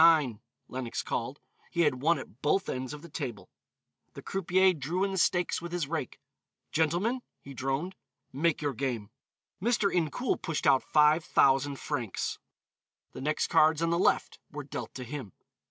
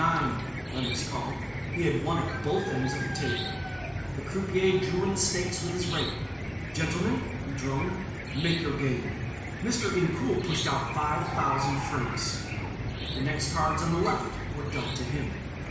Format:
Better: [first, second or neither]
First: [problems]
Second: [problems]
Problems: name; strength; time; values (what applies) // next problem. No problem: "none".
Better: first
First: none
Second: background sound (Cricket / Chicken, rooster); 3 dB below the speech // room echo; dies away in 1.1 s